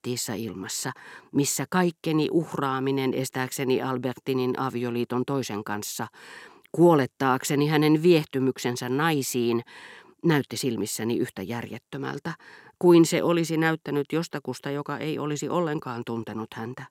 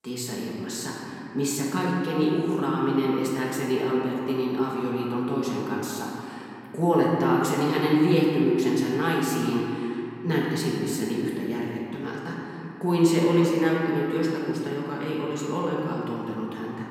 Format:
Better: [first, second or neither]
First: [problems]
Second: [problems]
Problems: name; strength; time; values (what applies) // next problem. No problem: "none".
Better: first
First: none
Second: off-mic speech; far // room echo; noticeable; dies away in 2.7 s